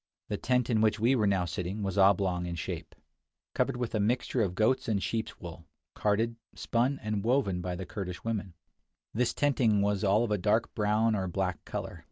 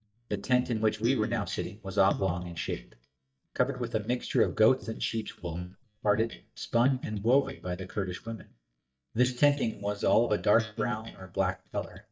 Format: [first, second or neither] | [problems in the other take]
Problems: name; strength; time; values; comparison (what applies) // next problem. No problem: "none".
first | noise reduction (neural mask model DeepFilterNet 3)